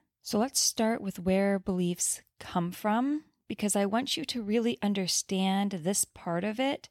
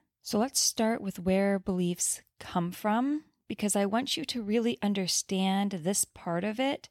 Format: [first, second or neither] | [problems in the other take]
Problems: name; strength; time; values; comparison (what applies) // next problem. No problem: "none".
neither | none